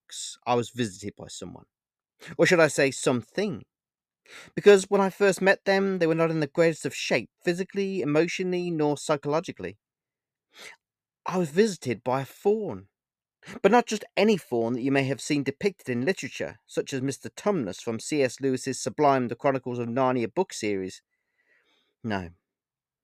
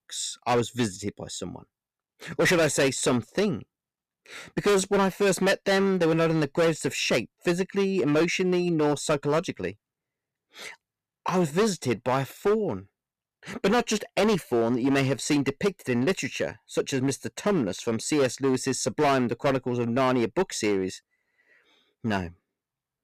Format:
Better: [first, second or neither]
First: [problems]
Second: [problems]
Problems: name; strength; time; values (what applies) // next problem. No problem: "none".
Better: first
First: none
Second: distortion; heavy; 9% of the sound clipped